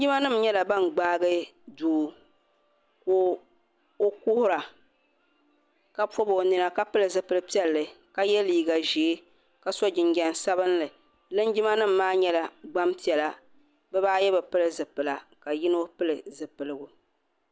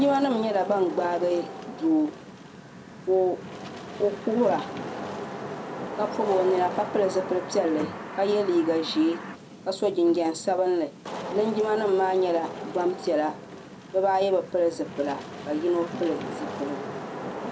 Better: first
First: none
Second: background sound (Wind / Rain); 10 dB below the speech // room echo; dies away in 0.2 s

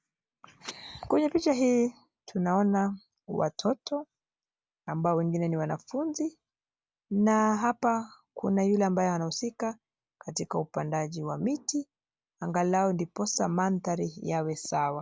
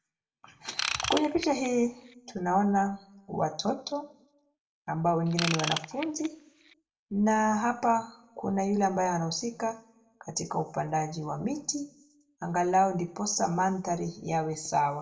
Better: first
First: none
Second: background sound (Ratchet, pawl / Tools); 6 dB below the speech // room echo; dies away in 0.5 s

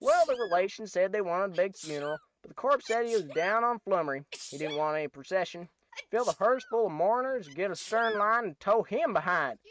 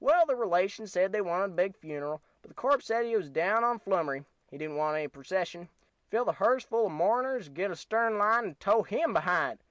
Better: second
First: noise reduction (neural mask model RNNoise)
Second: none

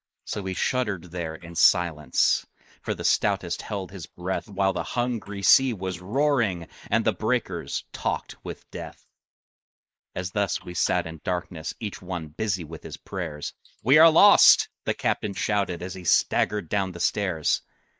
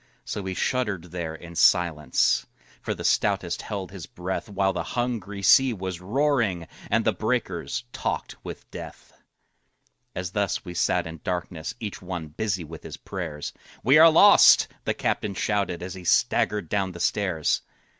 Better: second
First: noise reduction (neural mask model Resemble Enhance denoiser)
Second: none

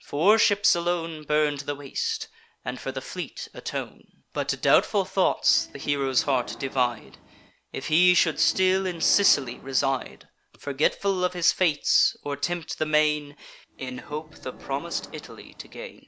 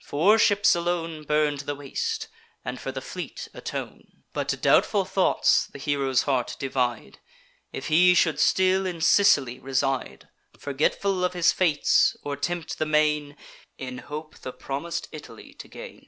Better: second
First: background sound (Subway, metro, underground / Sliding door); 20 dB below the speech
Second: none

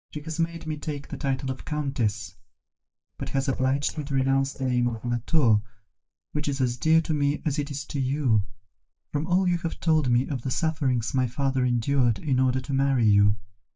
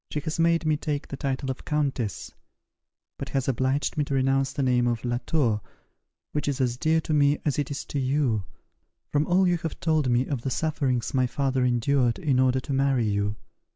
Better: second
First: noise reduction (neural mask model DeepFilterNet 3)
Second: none

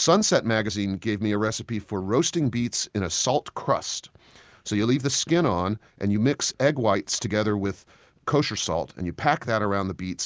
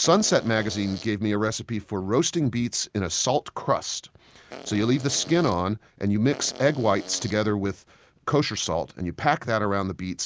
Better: first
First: none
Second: background sound (Fart); 16 dB below the speech

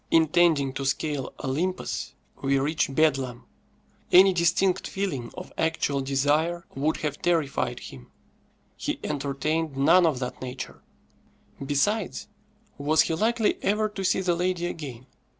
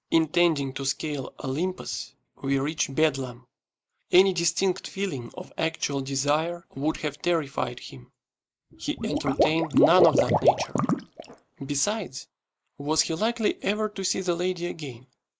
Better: first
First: none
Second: noise reduction (neural mask model Resemble Enhance denoiser)

